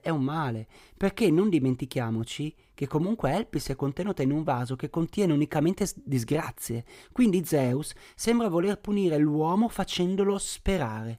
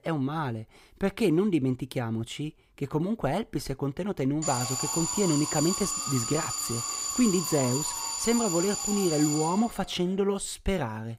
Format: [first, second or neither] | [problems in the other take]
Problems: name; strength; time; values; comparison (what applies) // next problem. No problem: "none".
first | alarm; loud; from 4.5 to 10 s; peak 1 dB above the speech